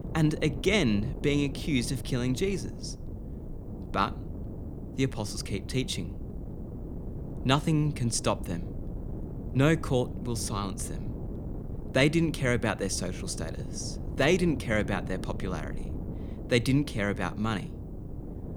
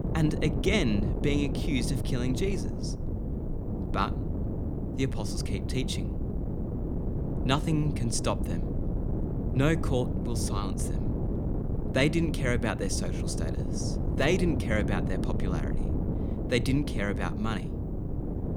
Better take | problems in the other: first | wind noise on the microphone; heavy; 7 dB below the speech; occasional gusts in the first

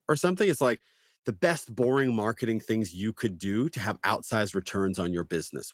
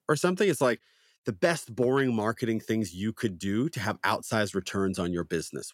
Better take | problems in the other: second | garbled, watery; slightly; nothing above 16 kHz

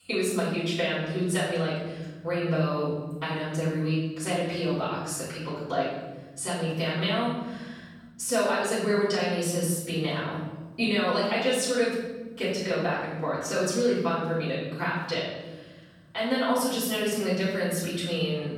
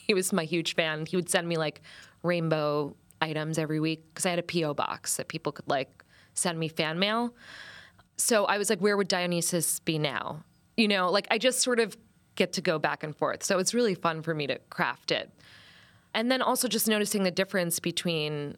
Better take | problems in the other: second | room echo; strong; dies away in 1.7 s // off-mic speech; far

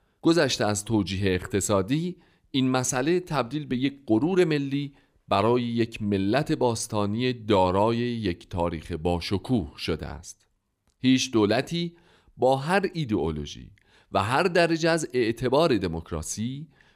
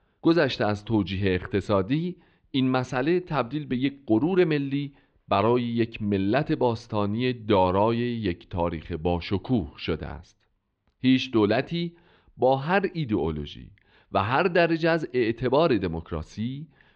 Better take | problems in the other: first | muffled; slightly; fading above 3.5 kHz

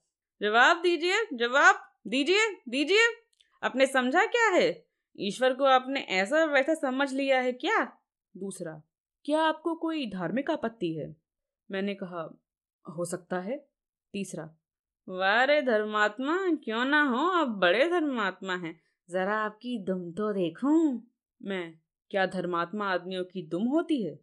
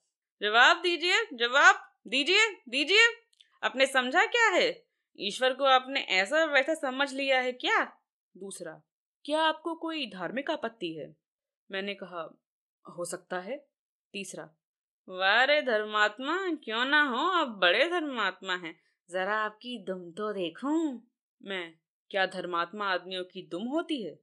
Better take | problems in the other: first | thin; very slightly; fading below 950 Hz

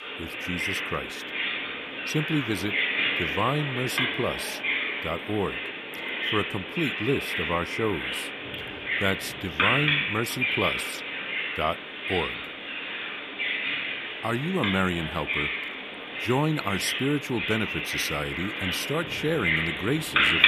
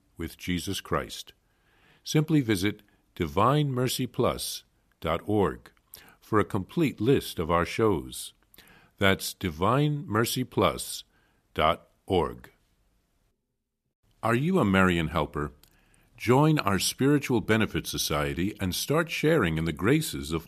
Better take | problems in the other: second | animal sounds; very loud; throughout; 1 dB above the speech

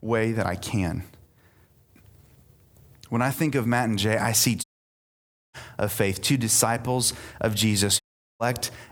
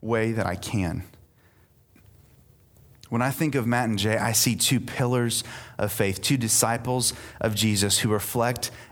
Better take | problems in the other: second | audio cutting out; at 4.5 s for 1 s and at 8 s

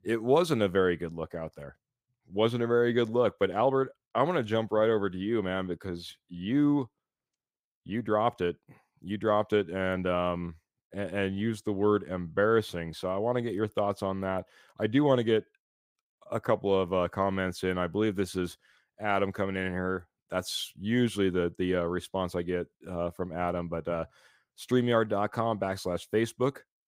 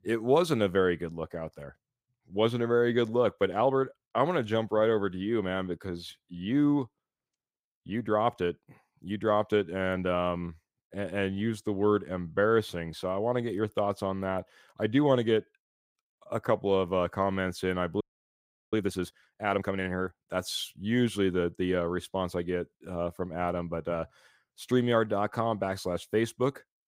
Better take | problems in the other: first | audio freezing; at 18 s for 0.5 s

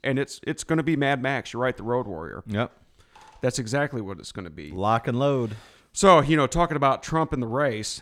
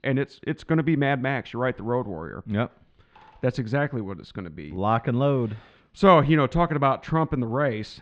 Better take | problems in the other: first | muffled; slightly; fading above 3.5 kHz

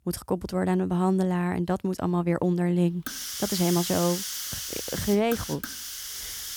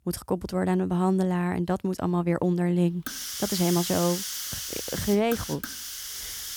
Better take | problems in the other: neither | hiss; loud; from 3 s on; 5 dB below the speech; the same in both

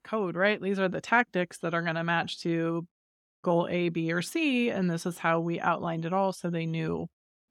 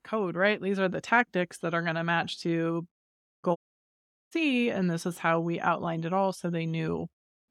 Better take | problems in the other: first | audio cutting out; at 3.5 s for 0.5 s

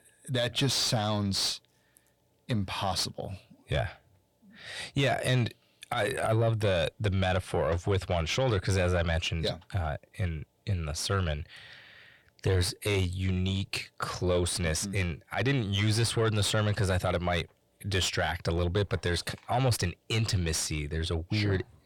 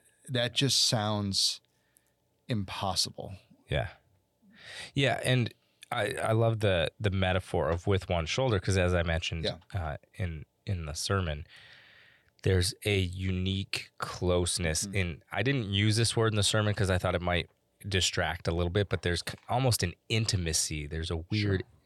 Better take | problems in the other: second | distortion; slight; 10 dB below the speech

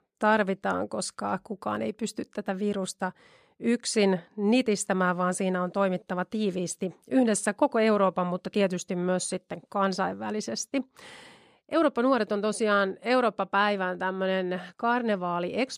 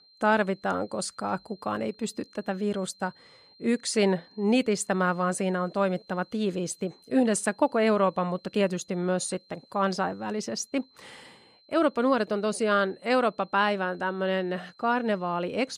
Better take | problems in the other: first | high-pitched whine; faint; throughout; 4 kHz, 30 dB below the speech

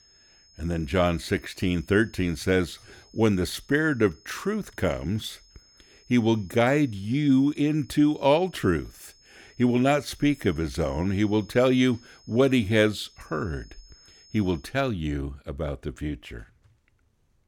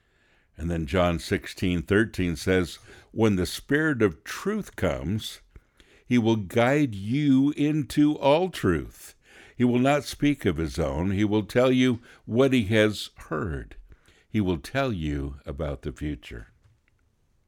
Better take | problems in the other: second | high-pitched whine; faint; until 15 s; 5 kHz, 30 dB below the speech

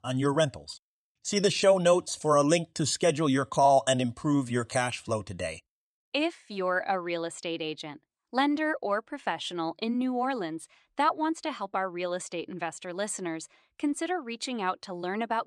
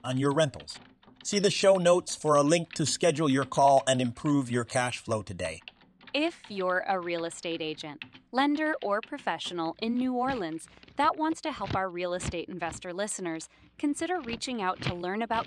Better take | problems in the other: first | household noises; noticeable; throughout; 20 dB below the speech

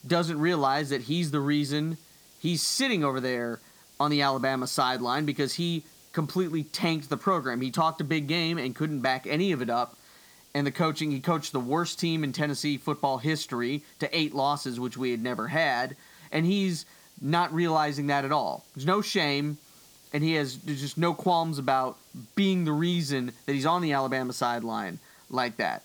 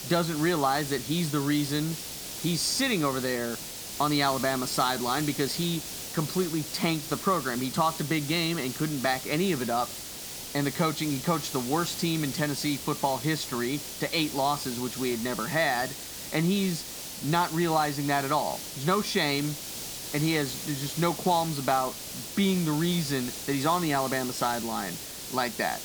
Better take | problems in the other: first | hiss; loud; throughout; 7 dB below the speech; faint in the first

